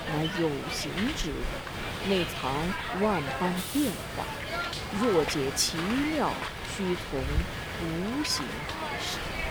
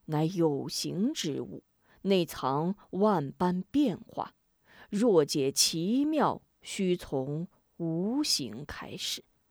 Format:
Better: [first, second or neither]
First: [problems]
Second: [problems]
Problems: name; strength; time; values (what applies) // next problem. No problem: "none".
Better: second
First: hiss; loud; throughout; 2 dB below the speech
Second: none